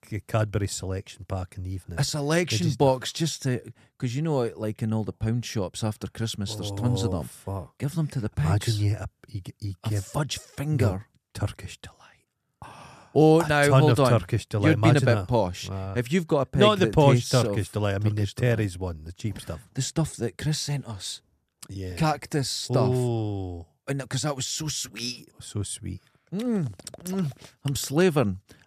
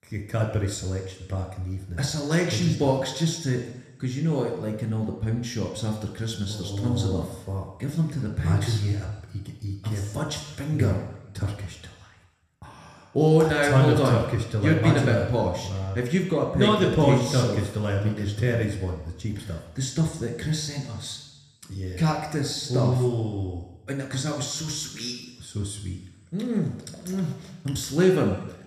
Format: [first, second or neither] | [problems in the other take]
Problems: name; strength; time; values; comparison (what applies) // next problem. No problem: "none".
first | room echo; slight; dies away in 1 s